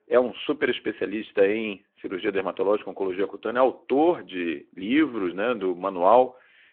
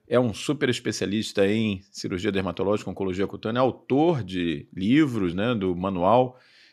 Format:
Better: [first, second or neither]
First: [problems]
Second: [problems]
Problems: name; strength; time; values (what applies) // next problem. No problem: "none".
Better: second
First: phone-call audio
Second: none